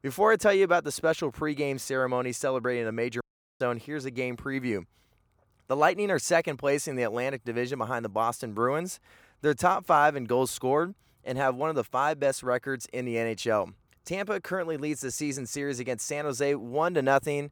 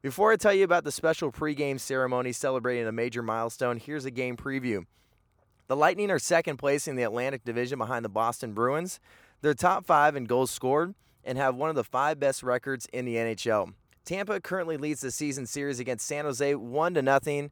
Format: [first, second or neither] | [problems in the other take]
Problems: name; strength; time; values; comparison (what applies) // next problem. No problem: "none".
second | audio cutting out; at 3 s